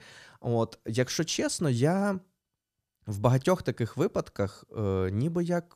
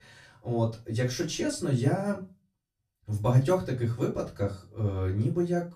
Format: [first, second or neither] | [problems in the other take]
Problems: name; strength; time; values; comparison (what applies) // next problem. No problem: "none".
first | off-mic speech; far // room echo; very slight; dies away in 0.2 s